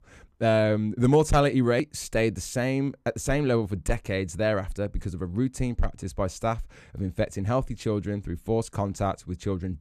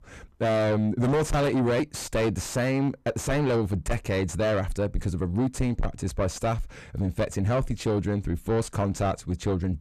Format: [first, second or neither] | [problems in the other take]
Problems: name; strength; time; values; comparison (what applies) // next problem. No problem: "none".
first | distortion; heavy; 7 dB below the speech